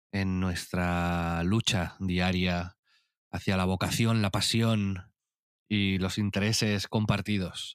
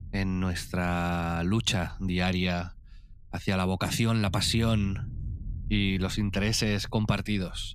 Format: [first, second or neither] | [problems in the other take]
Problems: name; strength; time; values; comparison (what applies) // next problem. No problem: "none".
first | low rumble; faint; throughout; 25 dB below the speech